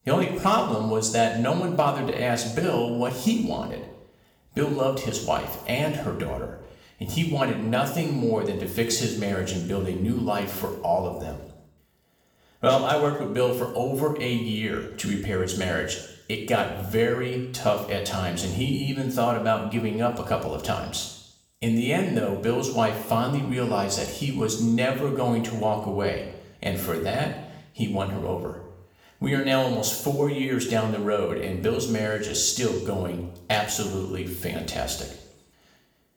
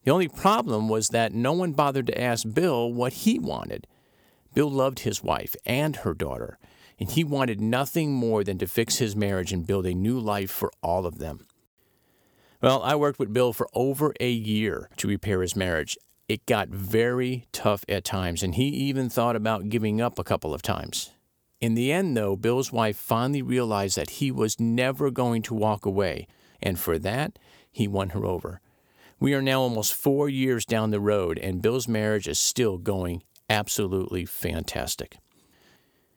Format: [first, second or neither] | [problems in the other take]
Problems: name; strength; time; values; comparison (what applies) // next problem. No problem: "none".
second | room echo; slight; dies away in 0.8 s // off-mic speech; somewhat distant